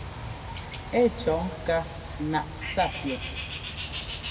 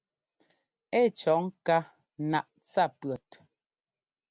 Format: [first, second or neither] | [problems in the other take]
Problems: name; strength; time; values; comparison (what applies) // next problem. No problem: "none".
second | background sound (Bird); 6 dB below the speech // room echo; dies away in 1.2 s